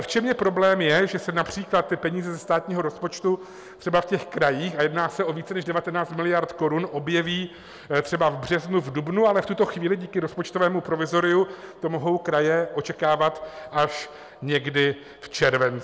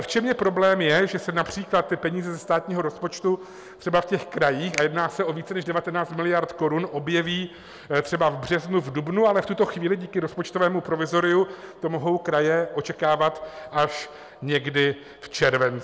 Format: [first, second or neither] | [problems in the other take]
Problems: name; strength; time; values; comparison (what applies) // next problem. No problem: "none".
first | background sound (Finger snapping); 17 dB below the speech